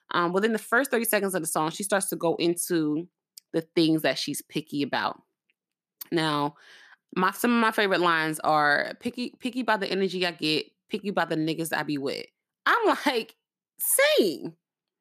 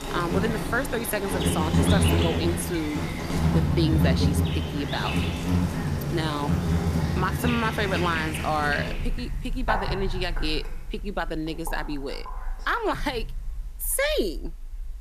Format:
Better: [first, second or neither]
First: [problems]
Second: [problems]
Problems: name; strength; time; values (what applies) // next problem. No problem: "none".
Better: first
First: none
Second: animal sounds; very loud; throughout; 3 dB above the speech